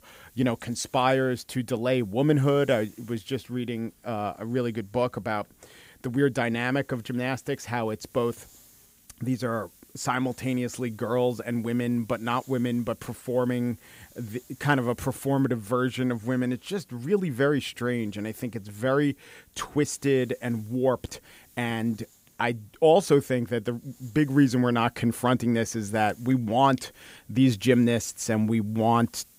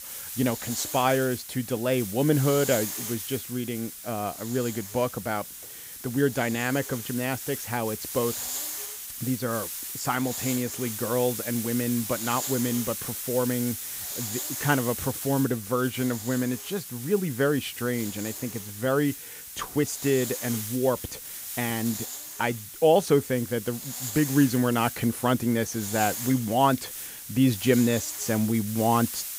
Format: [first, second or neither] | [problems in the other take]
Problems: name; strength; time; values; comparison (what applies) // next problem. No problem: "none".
first | hiss; loud; throughout; 7 dB below the speech; faint in the first